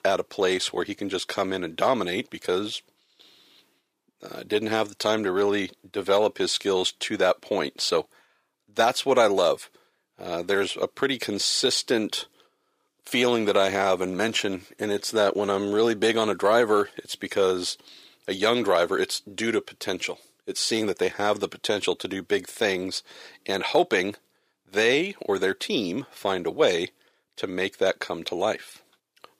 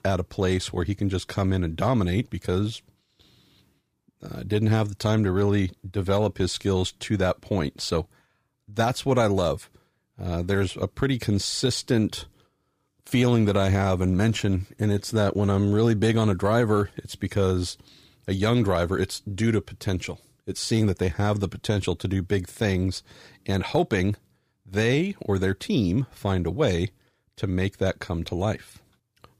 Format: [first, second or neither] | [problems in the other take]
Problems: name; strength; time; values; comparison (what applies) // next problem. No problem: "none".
second | thin; somewhat; fading below 450 Hz